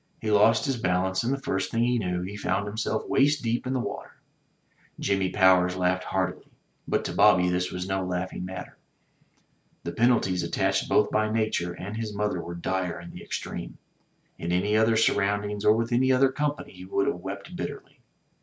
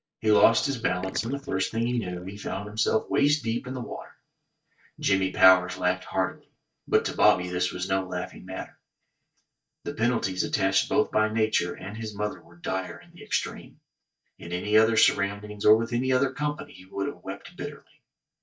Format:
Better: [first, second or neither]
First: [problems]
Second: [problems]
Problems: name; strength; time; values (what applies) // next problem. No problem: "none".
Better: first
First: none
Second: noise reduction (neural mask model DeepFilterNet 3)